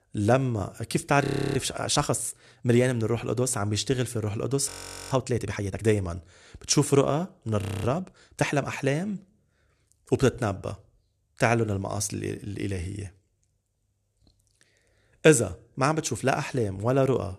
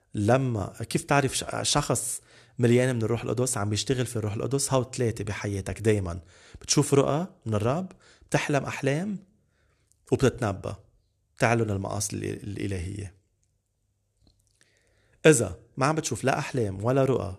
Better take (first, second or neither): second